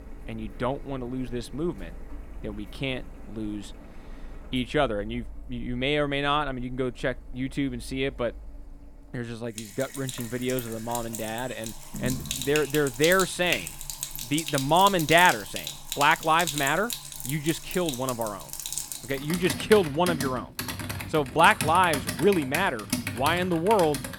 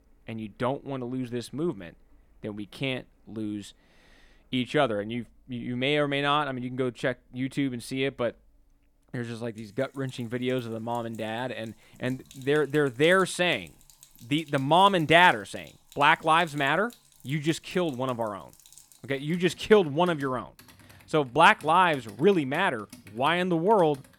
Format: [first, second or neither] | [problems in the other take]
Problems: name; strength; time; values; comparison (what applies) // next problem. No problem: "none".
second | household noises; loud; throughout; 8 dB below the speech; faint in the second